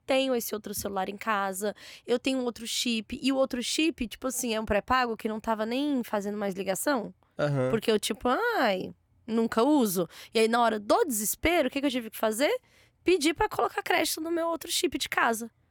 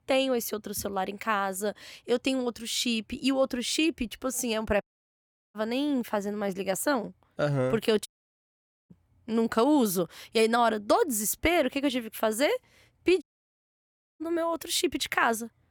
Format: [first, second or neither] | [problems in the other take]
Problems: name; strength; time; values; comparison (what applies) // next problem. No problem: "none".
first | audio cutting out; at 5 s for 0.5 s, at 8 s for 1 s and at 13 s for 1 s